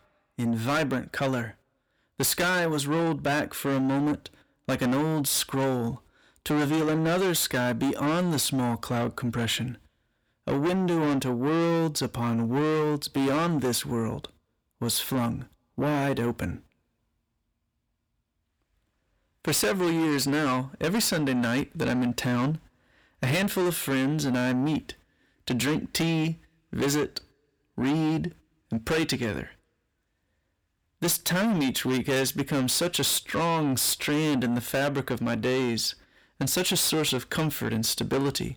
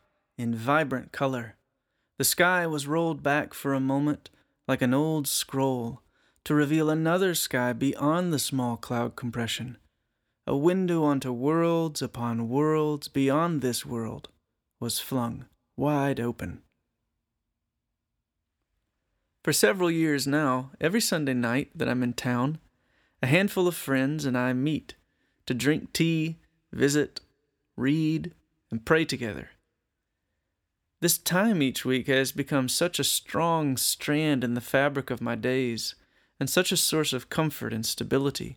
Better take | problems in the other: second | distortion; heavy; 7 dB below the speech

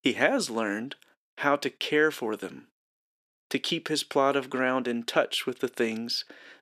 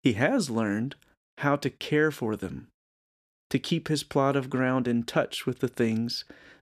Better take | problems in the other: second | thin; very slightly; fading below 350 Hz

